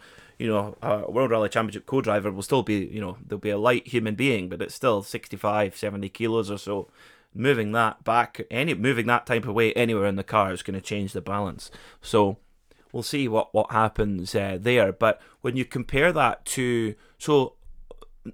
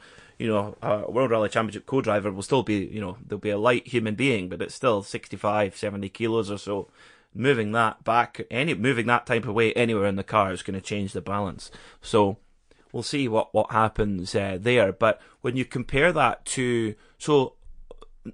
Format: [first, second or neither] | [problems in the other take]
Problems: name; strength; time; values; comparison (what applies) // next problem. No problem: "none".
first | garbled, watery; slightly; nothing above 8.5 kHz